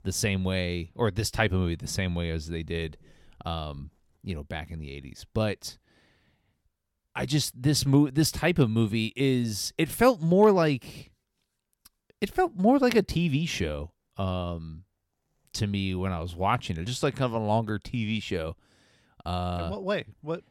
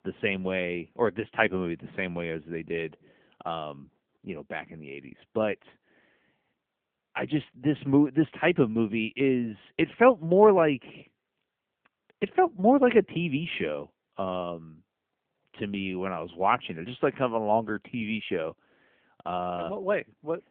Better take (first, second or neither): first